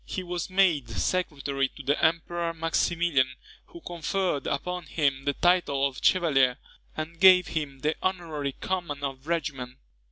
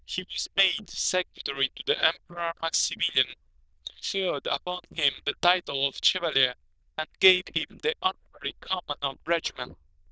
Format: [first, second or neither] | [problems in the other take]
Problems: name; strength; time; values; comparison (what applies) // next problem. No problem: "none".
first | noise reduction (neural diffusion model UNIVERSE++)